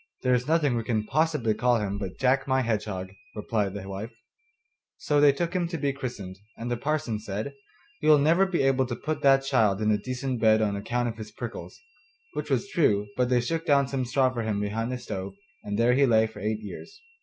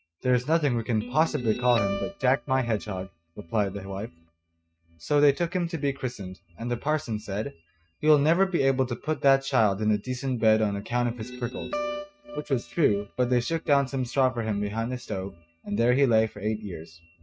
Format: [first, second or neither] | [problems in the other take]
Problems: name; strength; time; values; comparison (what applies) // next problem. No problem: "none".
first | noise reduction (neural mask model RNNoise)